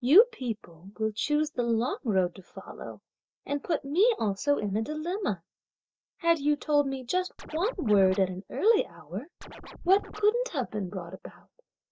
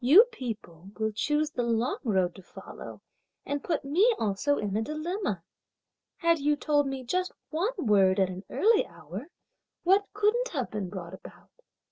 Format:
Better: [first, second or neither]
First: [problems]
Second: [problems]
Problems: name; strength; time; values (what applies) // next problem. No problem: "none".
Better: second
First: noise reduction (neural mask model DeepFilterNet 3)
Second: none